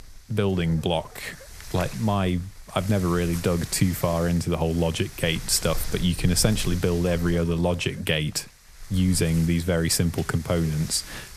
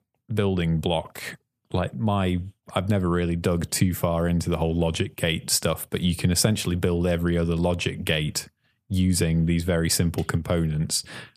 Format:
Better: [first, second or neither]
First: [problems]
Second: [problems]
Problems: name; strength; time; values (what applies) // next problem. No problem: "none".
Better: second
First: wind noise on the microphone; occasional gusts; 15 dB below the speech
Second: none